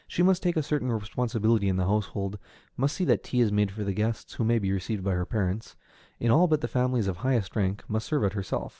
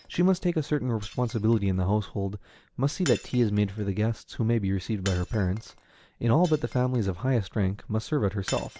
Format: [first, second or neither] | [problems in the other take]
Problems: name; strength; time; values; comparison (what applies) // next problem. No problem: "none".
first | background sound (Shatter); 20 dB below the speech